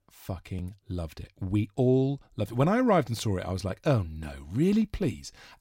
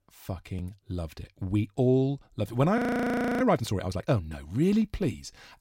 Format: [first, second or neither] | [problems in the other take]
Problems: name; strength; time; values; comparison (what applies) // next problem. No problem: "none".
first | audio freezing; at 3 s for 0.5 s